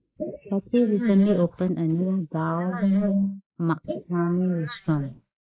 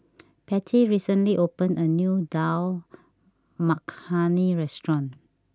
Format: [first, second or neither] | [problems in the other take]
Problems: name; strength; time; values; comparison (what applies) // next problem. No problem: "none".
second | noise reduction (neural mask model Resemble Enhance denoiser)